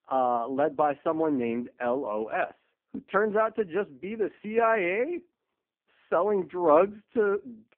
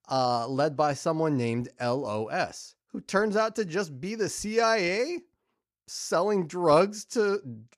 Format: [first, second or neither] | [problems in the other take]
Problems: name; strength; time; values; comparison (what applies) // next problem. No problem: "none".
second | phone-call audio; poor line